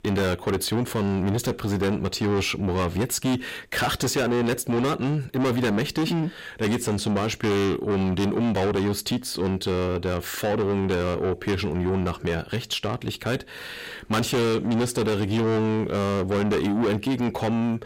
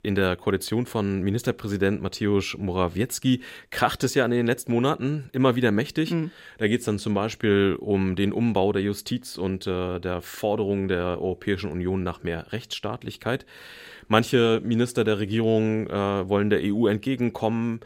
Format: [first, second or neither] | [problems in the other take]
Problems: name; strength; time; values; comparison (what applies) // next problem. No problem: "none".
second | distortion; heavy; 6 dB below the speech